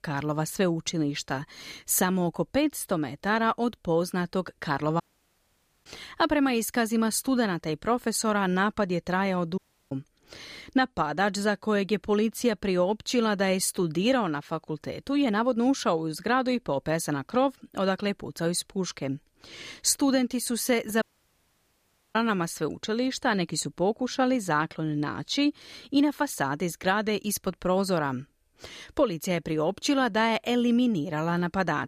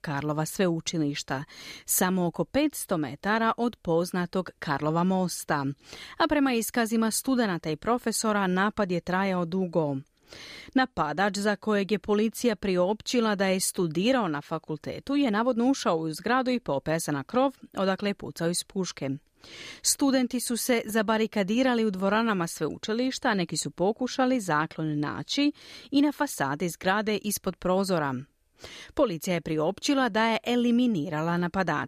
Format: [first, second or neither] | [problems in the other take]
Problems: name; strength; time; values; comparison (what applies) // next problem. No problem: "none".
second | audio cutting out; at 5 s for 1 s, at 9.5 s and at 21 s for 1 s